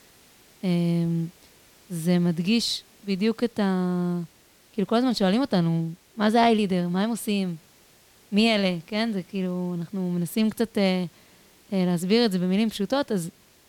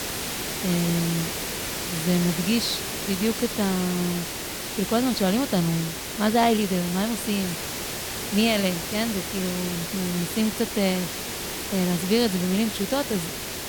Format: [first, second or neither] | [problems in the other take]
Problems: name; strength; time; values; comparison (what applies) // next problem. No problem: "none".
first | hiss; loud; throughout; 4 dB below the speech; faint in the first